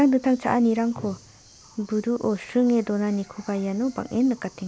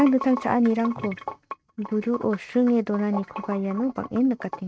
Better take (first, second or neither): first